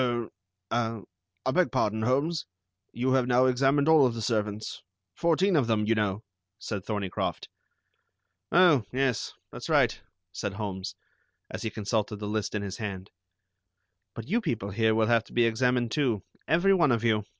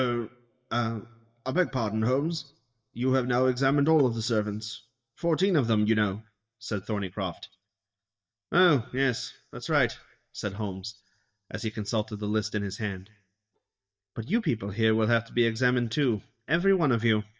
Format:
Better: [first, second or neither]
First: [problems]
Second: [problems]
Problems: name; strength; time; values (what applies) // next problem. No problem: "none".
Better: first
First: none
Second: noise reduction (neural mask model DeepFilterNet 3)